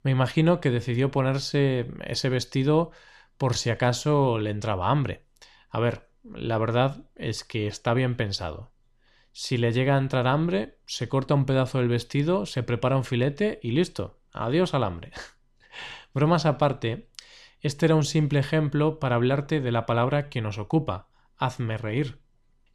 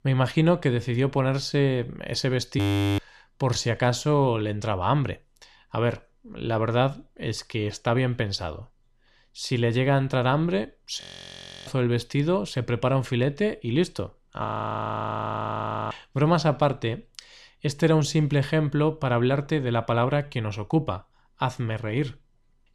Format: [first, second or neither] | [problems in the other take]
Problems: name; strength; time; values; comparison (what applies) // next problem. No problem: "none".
first | audio freezing; at 2.5 s, at 11 s for 0.5 s and at 14 s for 1.5 s